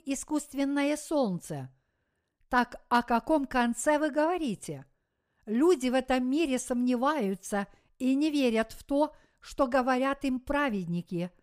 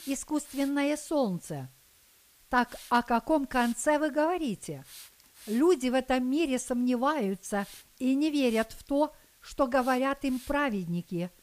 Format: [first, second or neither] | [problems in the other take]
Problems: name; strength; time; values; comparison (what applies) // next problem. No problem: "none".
first | hiss; faint; throughout; 25 dB below the speech